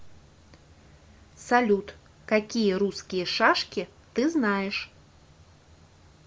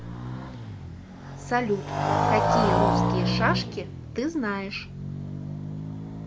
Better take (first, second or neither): first